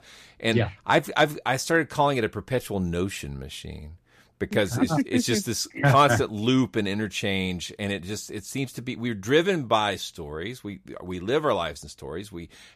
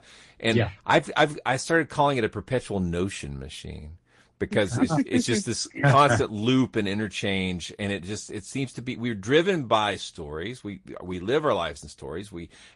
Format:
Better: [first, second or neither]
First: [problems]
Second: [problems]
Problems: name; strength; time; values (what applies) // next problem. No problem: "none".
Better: first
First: none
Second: garbled, watery; slightly; nothing above 10.5 kHz